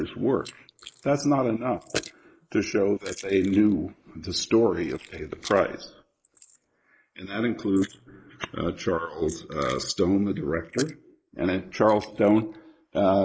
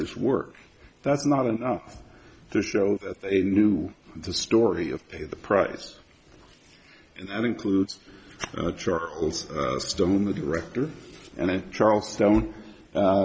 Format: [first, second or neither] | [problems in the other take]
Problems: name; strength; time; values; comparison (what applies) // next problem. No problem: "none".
second | noise reduction (neural mask model Resemble Enhance denoiser)